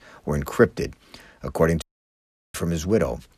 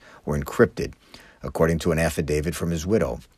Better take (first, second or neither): second